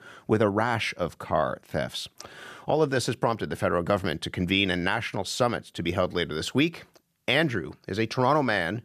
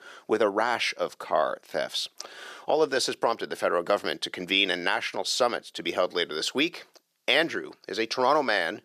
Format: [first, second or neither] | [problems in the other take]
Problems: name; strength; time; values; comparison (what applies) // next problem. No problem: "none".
first | thin; somewhat; fading below 400 Hz